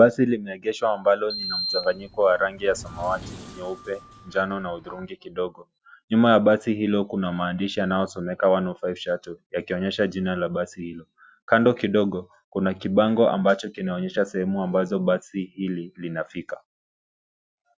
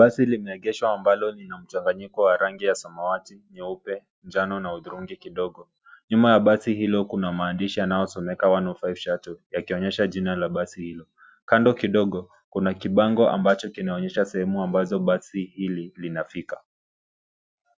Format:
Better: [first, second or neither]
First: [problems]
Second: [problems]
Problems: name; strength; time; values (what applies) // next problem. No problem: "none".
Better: second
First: background sound (Sliding door); 12 dB below the speech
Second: none